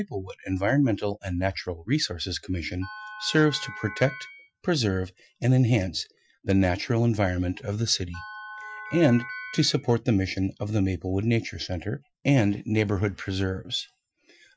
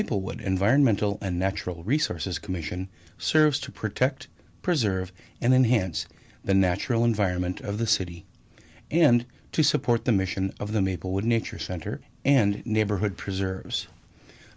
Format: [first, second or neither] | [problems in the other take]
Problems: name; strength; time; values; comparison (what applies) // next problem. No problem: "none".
second | noise reduction (classical method Wiener filter)